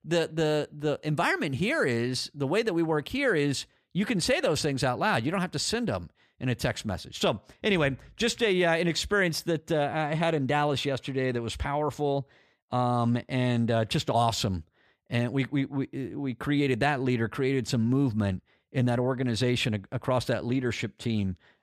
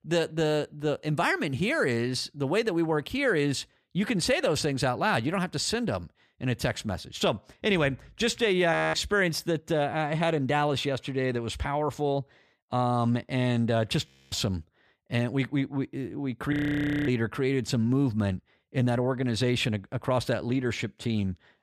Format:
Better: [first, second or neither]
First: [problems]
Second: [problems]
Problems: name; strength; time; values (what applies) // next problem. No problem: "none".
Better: first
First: none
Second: audio freezing; at 8.5 s, at 14 s and at 17 s for 0.5 s